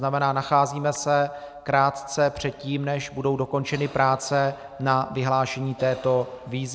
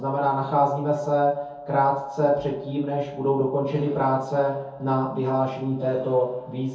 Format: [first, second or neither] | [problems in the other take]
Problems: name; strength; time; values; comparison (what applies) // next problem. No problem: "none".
first | room echo; dies away in 0.6 s